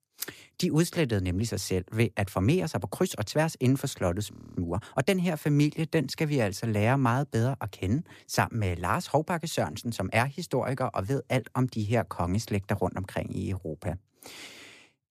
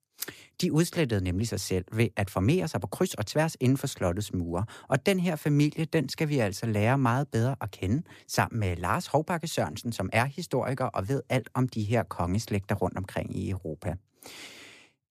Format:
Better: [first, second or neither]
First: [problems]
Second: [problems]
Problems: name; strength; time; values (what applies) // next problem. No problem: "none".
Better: second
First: audio freezing; at 4.5 s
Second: none